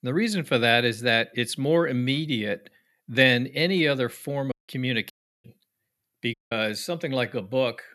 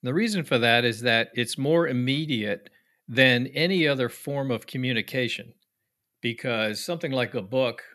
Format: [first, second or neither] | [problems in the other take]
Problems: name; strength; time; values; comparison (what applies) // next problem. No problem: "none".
second | audio cutting out; at 4.5 s, at 5 s and at 6.5 s